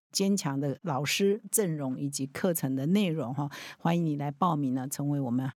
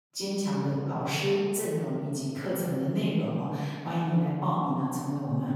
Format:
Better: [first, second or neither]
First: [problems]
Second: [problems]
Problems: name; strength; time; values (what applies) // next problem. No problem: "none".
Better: first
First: none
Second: off-mic speech; far // room echo; strong; dies away in 1.9 s